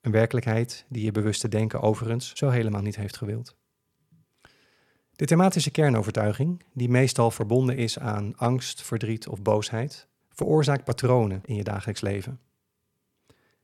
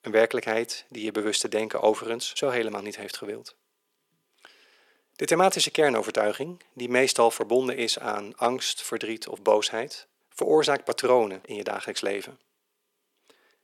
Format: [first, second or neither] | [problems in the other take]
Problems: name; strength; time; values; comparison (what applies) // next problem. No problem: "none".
first | thin; very; fading below 350 Hz